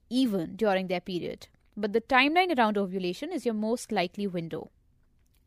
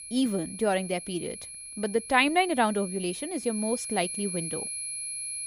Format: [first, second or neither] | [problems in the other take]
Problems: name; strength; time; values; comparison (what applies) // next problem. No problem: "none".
first | high-pitched whine; loud; throughout; 10.5 kHz, 7 dB below the speech